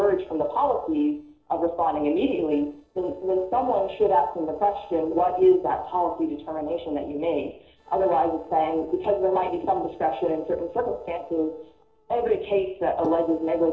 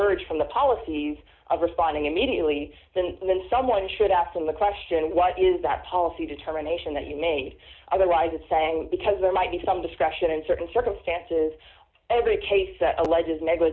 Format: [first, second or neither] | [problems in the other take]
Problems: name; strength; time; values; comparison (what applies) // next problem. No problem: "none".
second | noise reduction (neural separator model SepFormer DNS4)